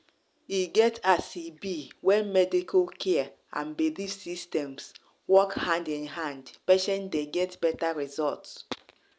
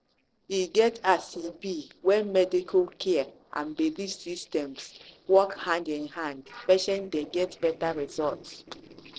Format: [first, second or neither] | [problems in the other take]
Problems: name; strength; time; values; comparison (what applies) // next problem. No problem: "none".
first | noise reduction (neural separator model SepFormer DNS4)